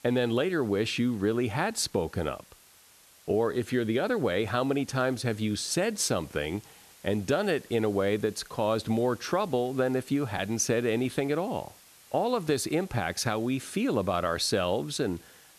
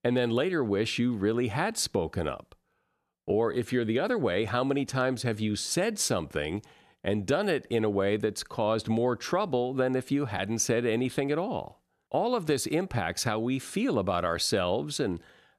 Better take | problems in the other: second | hiss; faint; throughout; 25 dB below the speech

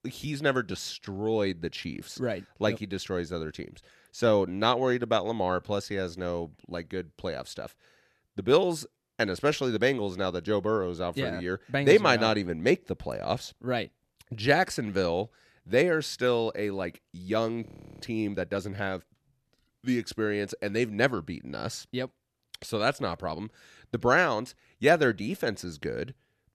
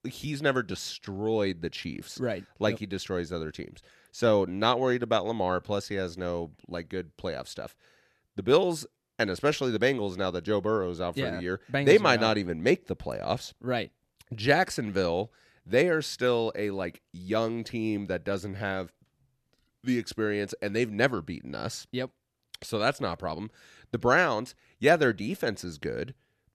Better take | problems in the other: second | audio freezing; at 18 s

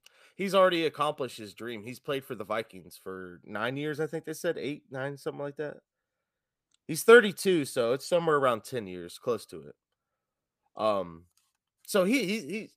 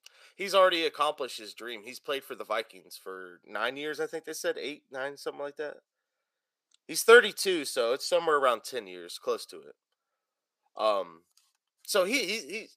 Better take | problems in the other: first | thin; somewhat; fading below 450 Hz

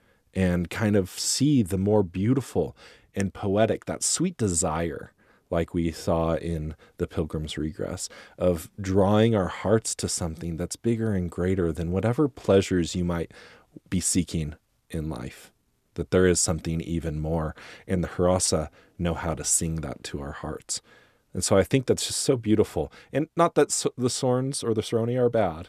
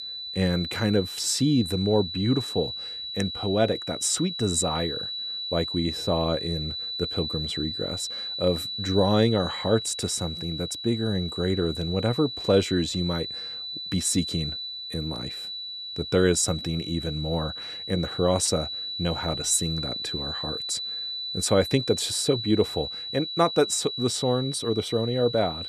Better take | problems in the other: first | high-pitched whine; loud; throughout; 4 kHz, 5 dB below the speech

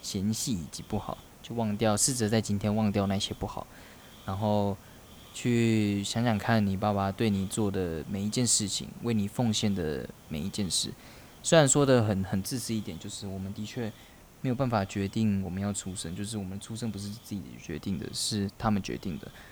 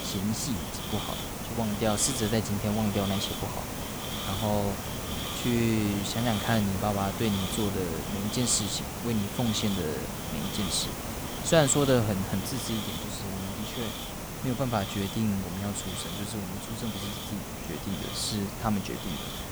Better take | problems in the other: first | hiss; loud; throughout; 4 dB below the speech; faint in the first

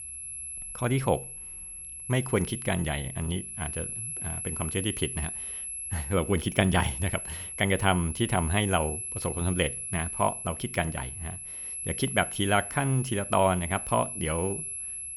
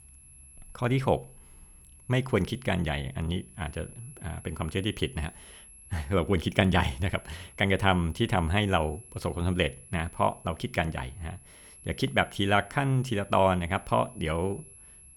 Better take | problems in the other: second | high-pitched whine; loud; throughout; 11 kHz, 6 dB below the speech; faint in the second

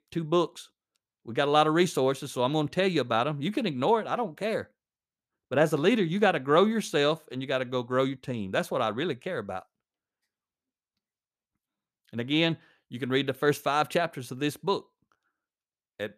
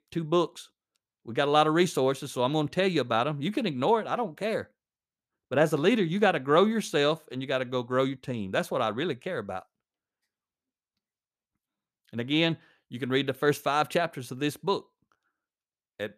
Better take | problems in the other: neither | none

